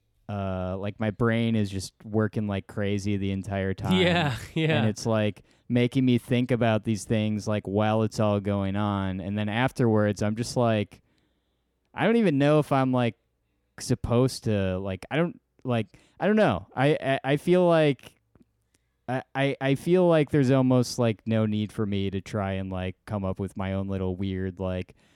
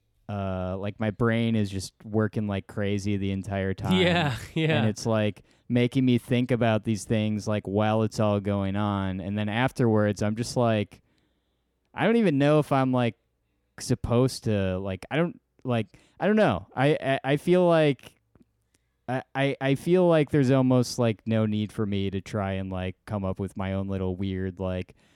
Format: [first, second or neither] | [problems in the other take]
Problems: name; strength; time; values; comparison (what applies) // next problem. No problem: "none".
neither | none